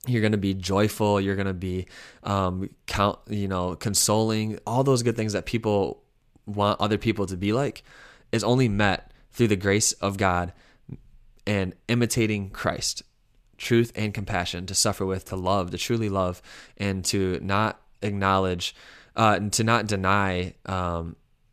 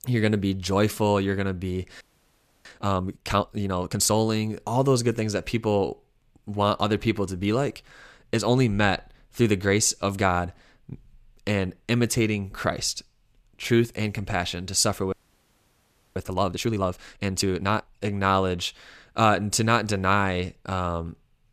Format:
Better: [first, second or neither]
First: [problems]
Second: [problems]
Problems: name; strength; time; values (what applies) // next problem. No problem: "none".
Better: first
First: none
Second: audio freezing; at 2 s for 0.5 s and at 15 s for 1 s